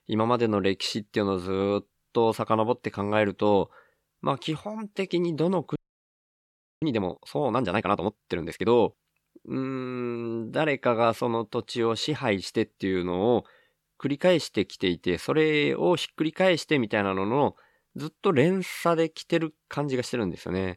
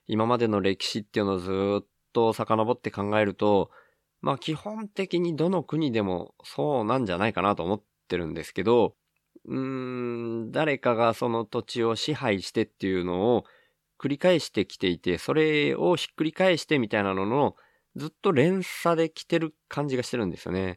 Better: second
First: audio freezing; at 6 s for 1 s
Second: none

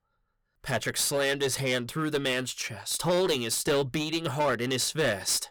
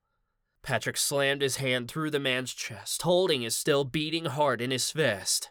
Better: second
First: distortion; slight; 9% of the sound clipped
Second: none

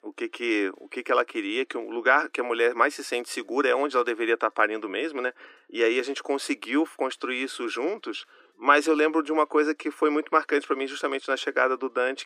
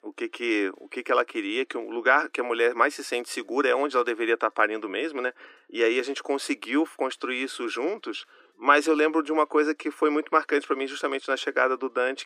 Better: neither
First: thin; somewhat; fading below 300 Hz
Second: thin; somewhat; fading below 300 Hz

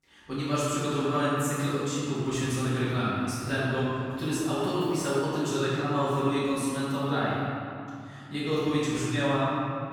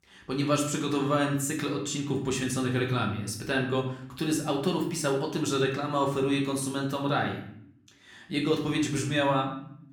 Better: second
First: room echo; strong; dies away in 2.3 s // off-mic speech; far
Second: room echo; slight; dies away in 0.6 s // off-mic speech; somewhat distant

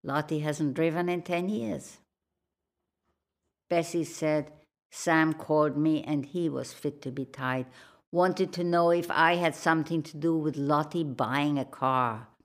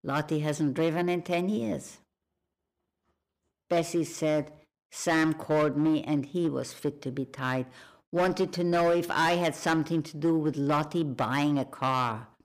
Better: first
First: none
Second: distortion; slight; 5% of the sound clipped

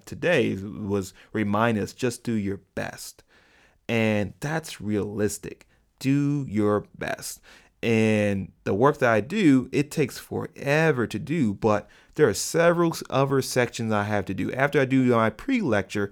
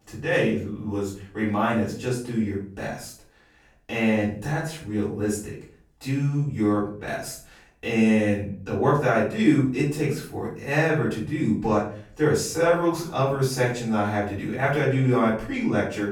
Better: first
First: none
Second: off-mic speech; far // room echo; noticeable; dies away in 0.4 s

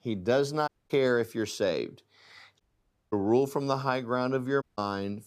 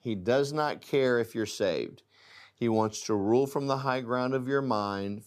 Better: second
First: audio cutting out; at 0.5 s, at 2.5 s for 0.5 s and at 4.5 s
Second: none

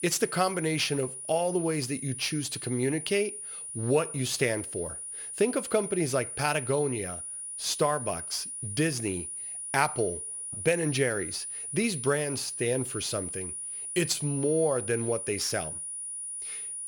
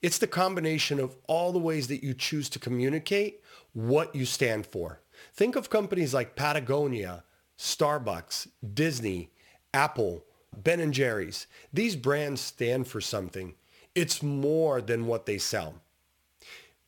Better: second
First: high-pitched whine; loud; throughout; 9.5 kHz, 6 dB below the speech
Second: none

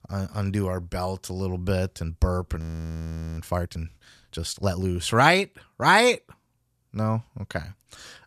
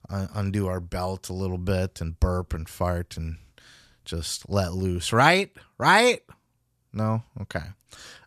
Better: second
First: audio freezing; at 2.5 s for 1 s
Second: none

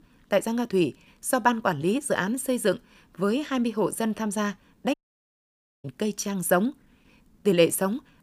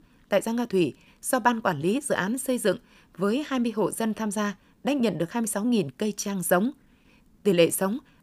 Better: second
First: audio cutting out; at 5 s for 1 s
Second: none

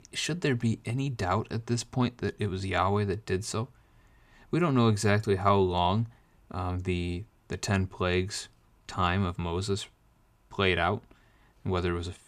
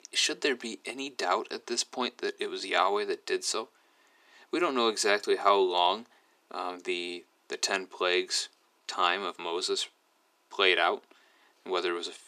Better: first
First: none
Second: thin; very; fading below 300 Hz

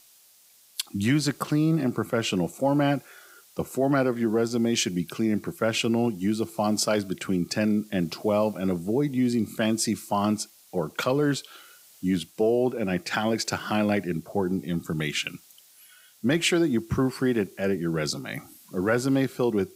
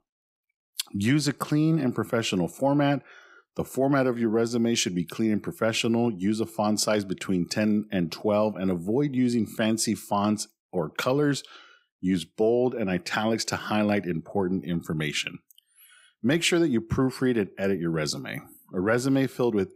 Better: second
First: hiss; faint; throughout; 25 dB below the speech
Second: none

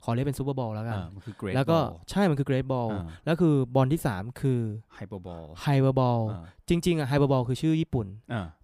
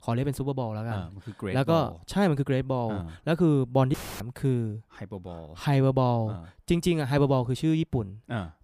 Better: first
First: none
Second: audio cutting out; filled with static; at 4 s

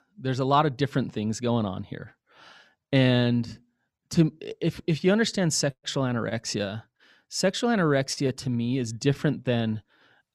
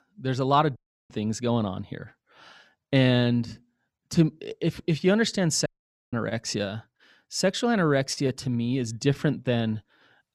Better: first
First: none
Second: audio cutting out; at 1 s and at 5.5 s

